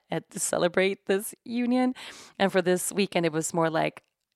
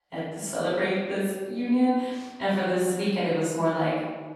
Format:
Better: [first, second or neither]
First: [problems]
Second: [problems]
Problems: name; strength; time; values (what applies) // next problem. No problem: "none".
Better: first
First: none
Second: off-mic speech; far // room echo; strong; dies away in 1.3 s